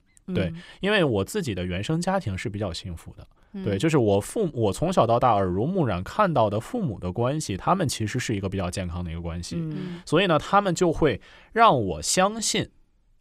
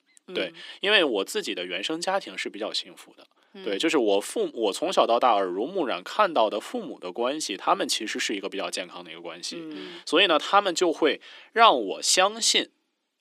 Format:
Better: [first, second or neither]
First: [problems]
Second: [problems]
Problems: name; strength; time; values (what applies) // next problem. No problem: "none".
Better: first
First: none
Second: thin; somewhat; fading below 250 Hz